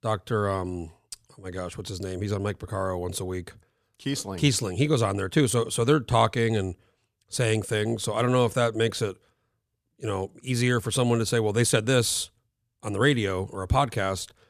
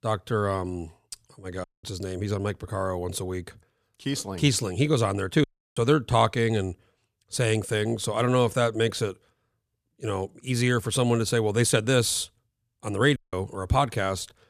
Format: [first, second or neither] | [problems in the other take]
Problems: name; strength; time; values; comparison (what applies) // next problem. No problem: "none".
first | audio cutting out; at 1.5 s, at 5.5 s and at 13 s